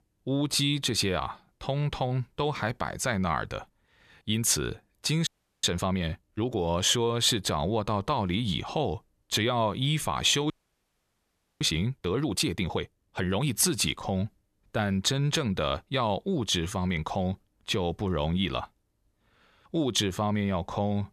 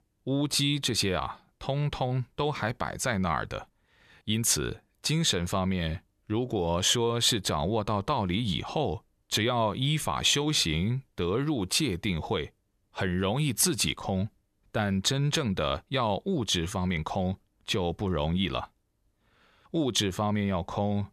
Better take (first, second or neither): second